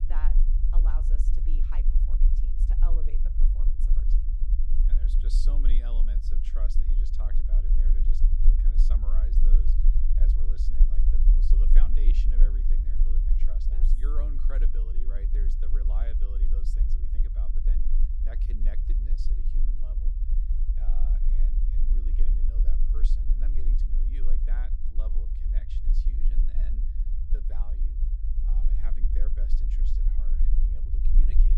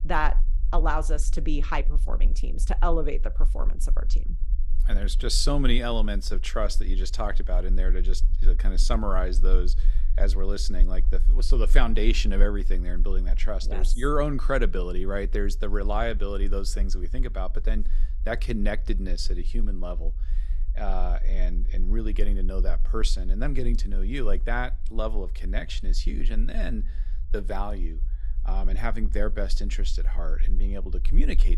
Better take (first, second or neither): second